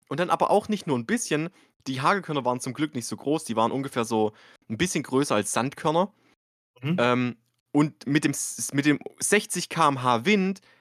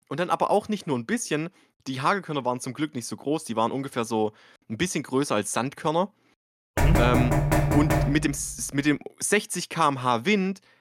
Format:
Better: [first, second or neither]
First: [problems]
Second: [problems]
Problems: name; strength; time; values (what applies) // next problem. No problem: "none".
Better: first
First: none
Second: door banging; loud; from 7 to 8.5 s; peak 4 dB above the speech